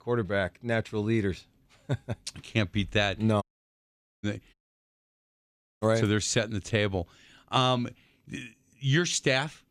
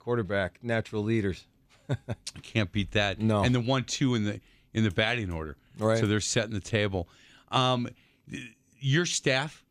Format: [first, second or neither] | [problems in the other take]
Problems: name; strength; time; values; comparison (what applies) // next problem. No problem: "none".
second | audio cutting out; at 3.5 s for 1 s and at 4.5 s for 1.5 s